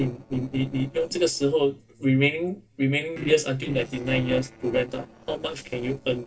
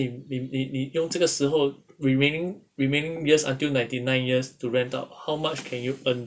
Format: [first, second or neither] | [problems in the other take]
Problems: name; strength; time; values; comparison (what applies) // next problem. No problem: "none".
second | noise reduction (neural separator model SepFormer DNS4)